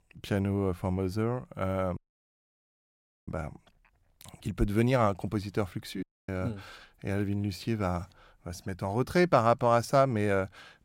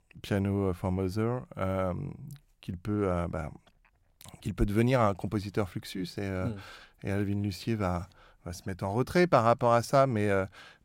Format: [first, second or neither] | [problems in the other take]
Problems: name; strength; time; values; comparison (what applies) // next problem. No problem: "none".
second | audio cutting out; at 2 s for 1.5 s and at 6 s